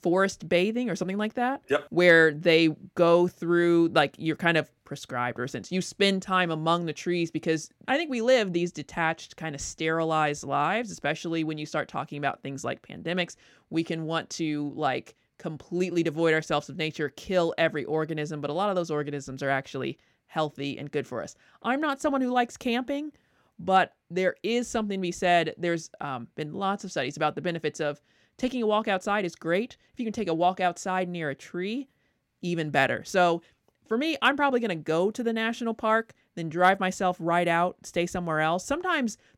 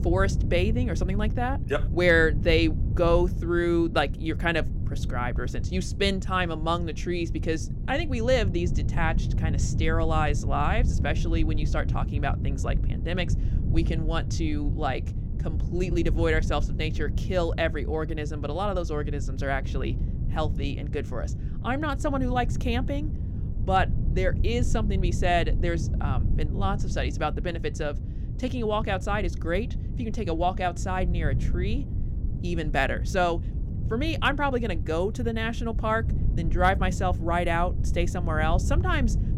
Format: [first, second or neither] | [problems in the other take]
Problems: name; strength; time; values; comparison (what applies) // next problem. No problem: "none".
first | wind noise on the microphone; occasional gusts; 15 dB below the speech